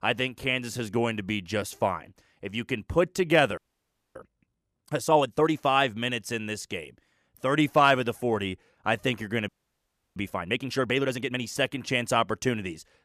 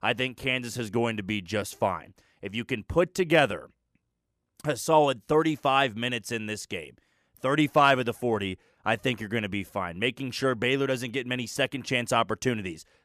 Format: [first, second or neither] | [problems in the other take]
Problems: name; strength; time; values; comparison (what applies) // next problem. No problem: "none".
second | audio freezing; at 3.5 s for 0.5 s and at 9.5 s for 0.5 s